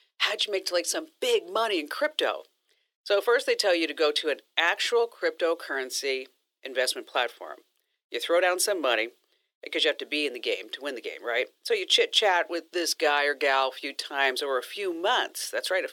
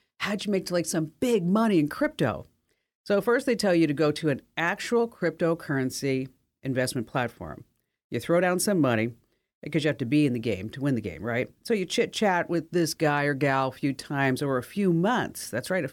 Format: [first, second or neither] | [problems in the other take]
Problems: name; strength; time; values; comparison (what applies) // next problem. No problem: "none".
second | thin; very; fading below 400 Hz